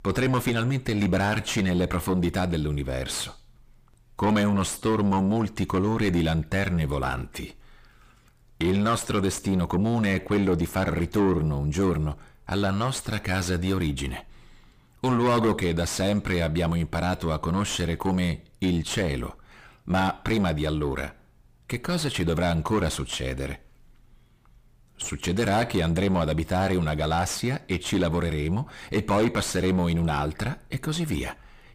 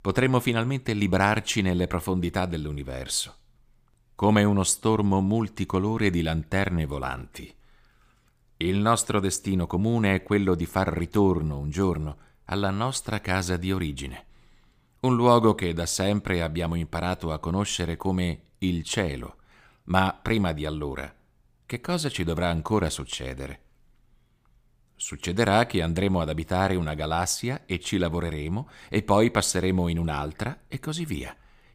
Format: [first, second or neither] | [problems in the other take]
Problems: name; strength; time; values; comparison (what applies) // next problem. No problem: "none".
second | distortion; heavy; 5 dB below the speech